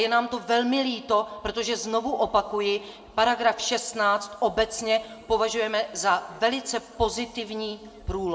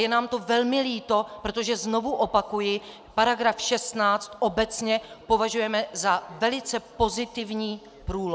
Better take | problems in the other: second | room echo; dies away in 1.1 s

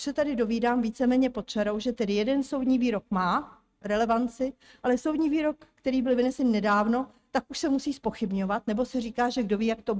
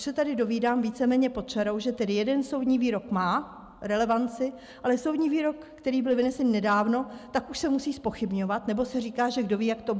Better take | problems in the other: second | noise reduction (neural mask model RNNoise)

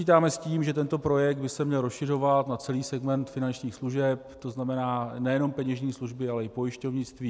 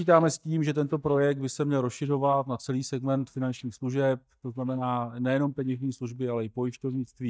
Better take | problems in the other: first | noise reduction (neural mask model DeepFilterNet 3)

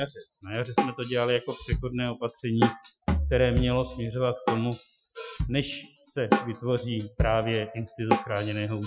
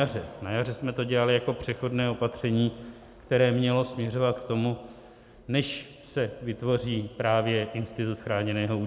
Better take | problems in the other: second | noise reduction (classical method Wiener filter)

